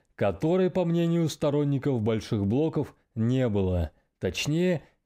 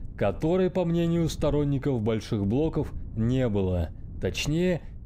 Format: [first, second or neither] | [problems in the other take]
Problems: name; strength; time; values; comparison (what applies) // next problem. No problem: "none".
first | wind noise on the microphone; occasional gusts; 25 dB below the speech